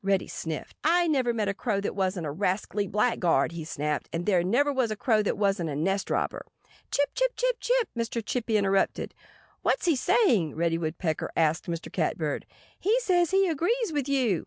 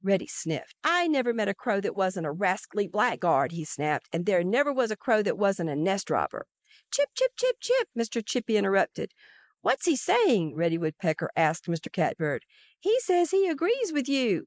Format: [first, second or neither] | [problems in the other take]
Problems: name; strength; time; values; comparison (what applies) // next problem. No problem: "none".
first | noise reduction (neural mask model Resemble Enhance denoiser)